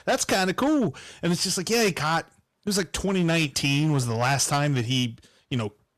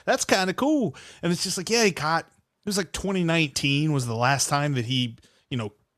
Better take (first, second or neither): second